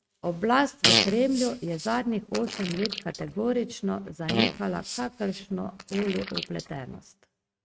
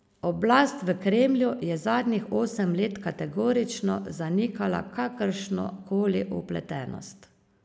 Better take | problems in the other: second | noise reduction (neural mask model RNNoise)

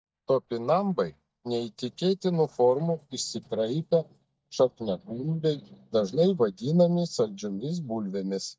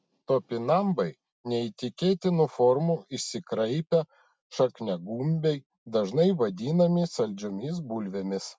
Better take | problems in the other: second | noise reduction (neural mask model DeepFilterNet 3)

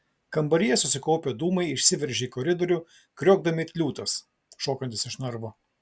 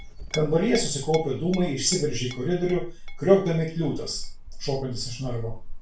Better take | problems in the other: first | background sound (Chink, clink); 8 dB below the speech // room echo; dies away in 0.3 s

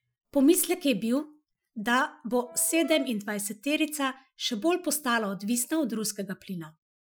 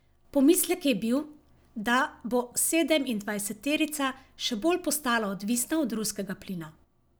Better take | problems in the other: second | noise reduction (classical method Wiener filter)

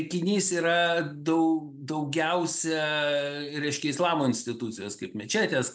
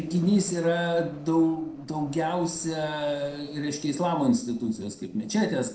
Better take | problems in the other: first | noise reduction (neural separator model SepFormer DNS4)

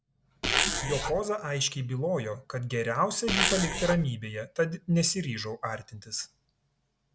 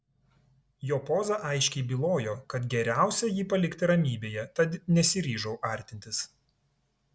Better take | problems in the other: second | background sound (Zipper (clothing)); 2 dB above the speech

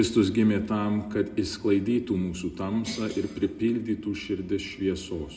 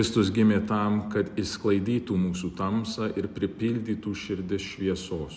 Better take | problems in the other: second | background sound (Bell); 17 dB below the speech // room echo; dies away in 1.6 s

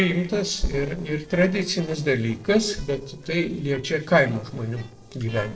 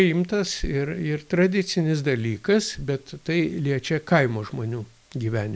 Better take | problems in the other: second | noise reduction (neural separator model SepFormer DNS4)

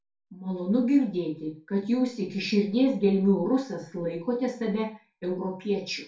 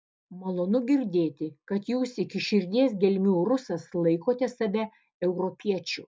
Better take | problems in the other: second | room echo; dies away in 0.3 s

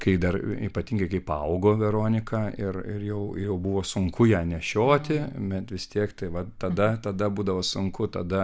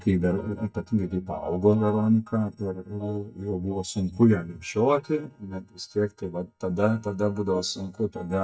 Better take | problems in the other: first | noise reduction (neural mask model DeepFilterNet 3)

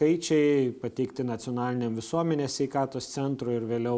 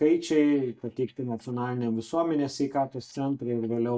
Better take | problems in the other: first | noise reduction (neural mask model DeepFilterNet 3)

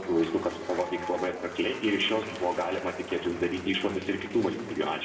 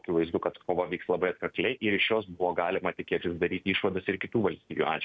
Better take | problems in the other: second | background sound (Applause / Crowd / Cheering); 13 dB below the speech // room echo; dies away in 1.6 s

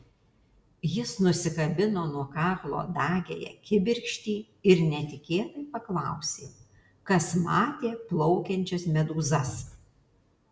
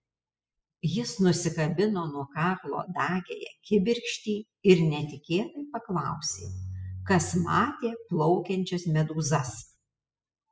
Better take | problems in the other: first | noise reduction (classical method spectral subtraction)

